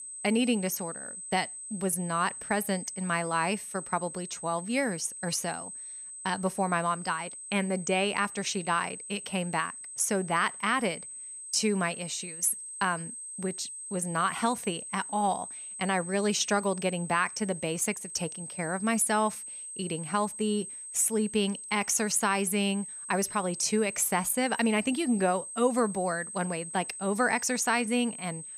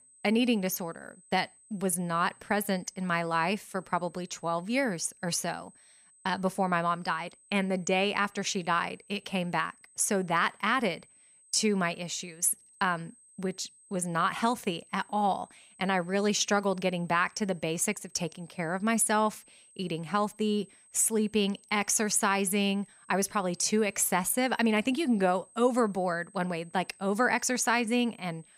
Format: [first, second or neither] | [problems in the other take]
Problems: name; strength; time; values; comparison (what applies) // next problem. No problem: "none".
second | high-pitched whine; loud; throughout; 8 kHz, 9 dB below the speech; faint in the second